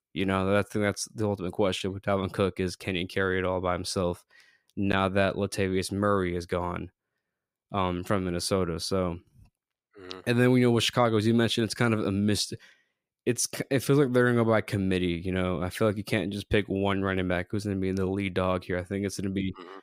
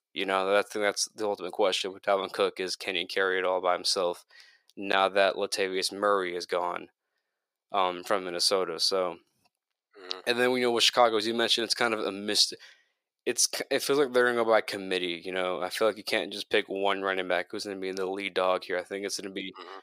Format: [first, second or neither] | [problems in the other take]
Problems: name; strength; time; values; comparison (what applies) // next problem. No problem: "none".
first | thin; somewhat; fading below 500 Hz